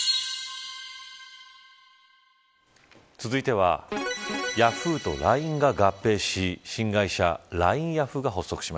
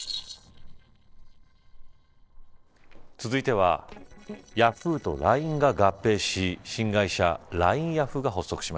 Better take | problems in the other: first | noise reduction (neural separator model SepFormer DNS4)

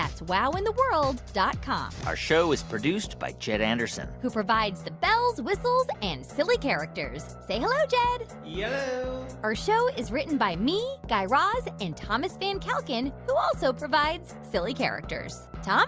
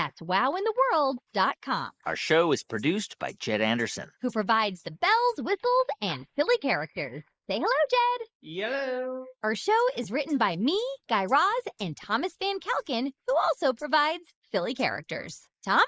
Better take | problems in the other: first | noise reduction (neural mask model Resemble Enhance denoiser)

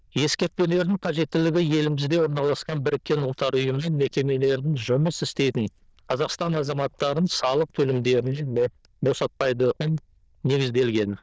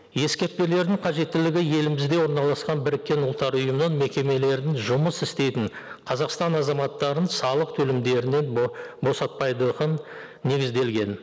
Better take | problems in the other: second | noise reduction (neural diffusion model UNIVERSE++)

